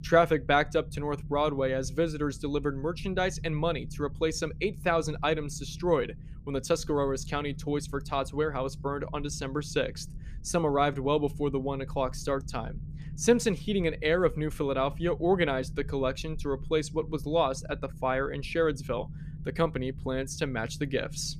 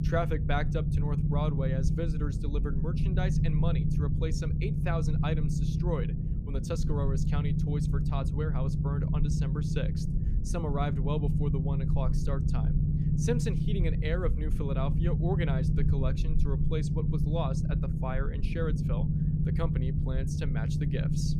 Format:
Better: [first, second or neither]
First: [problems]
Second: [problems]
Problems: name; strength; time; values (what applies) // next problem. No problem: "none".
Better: first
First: low rumble; faint; throughout; 25 dB below the speech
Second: low rumble; loud; throughout; 2 dB below the speech